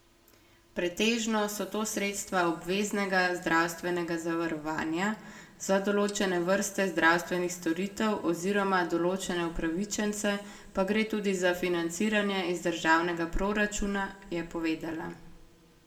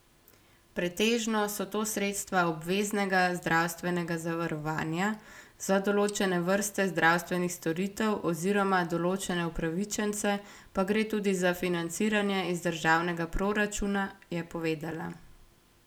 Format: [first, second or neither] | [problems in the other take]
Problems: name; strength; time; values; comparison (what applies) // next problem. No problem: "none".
second | room echo; dies away in 1.7 s